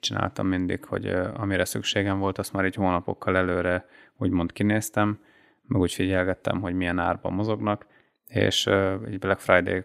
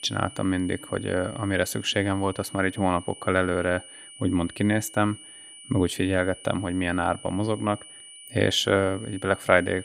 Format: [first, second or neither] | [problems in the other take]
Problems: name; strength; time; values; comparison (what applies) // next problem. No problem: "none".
first | high-pitched whine; noticeable; throughout; 3 kHz, 15 dB below the speech